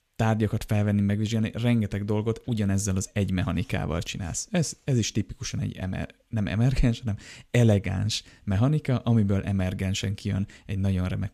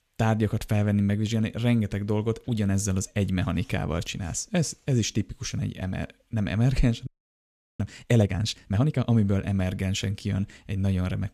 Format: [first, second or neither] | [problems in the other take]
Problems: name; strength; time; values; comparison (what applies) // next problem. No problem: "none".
first | audio freezing; at 7 s for 0.5 s